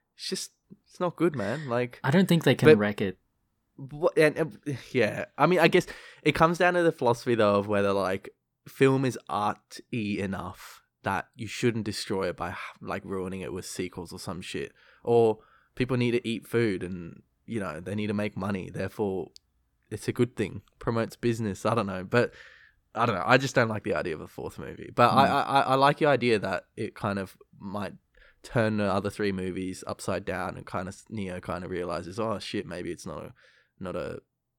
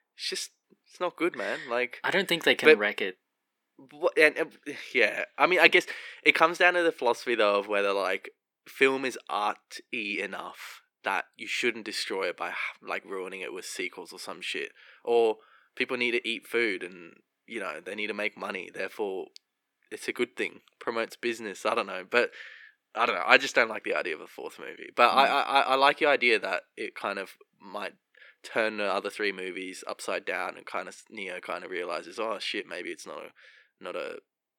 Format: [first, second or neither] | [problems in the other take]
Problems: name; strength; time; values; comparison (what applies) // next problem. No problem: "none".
first | thin; somewhat; fading below 300 Hz